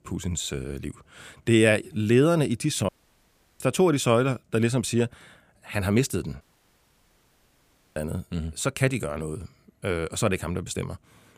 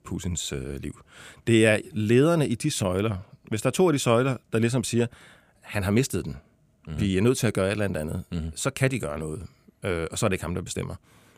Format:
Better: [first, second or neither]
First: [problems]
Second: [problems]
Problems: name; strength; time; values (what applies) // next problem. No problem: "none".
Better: second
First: audio cutting out; at 3 s for 0.5 s and at 6.5 s for 1.5 s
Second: none